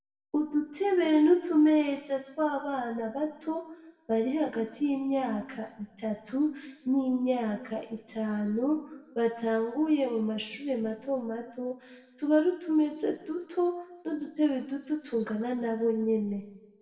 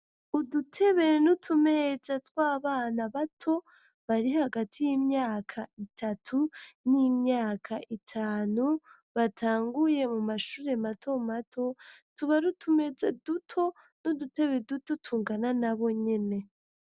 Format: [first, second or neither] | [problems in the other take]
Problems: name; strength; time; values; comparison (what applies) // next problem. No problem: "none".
second | room echo; dies away in 0.8 s